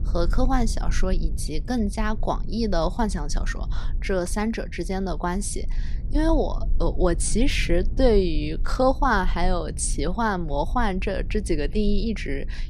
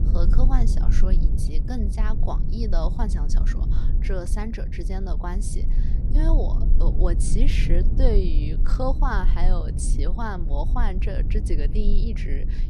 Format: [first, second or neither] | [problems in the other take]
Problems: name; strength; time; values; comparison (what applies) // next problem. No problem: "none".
first | low rumble; loud; throughout; 8 dB below the speech; faint in the first